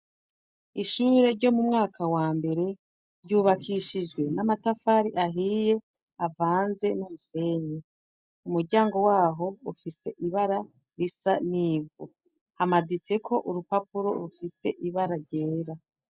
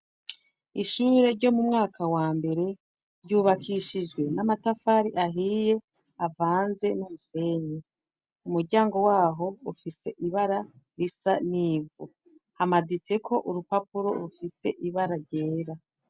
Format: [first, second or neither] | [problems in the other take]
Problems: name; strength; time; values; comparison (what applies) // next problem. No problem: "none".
second | noise reduction (neural mask model DeepFilterNet 3)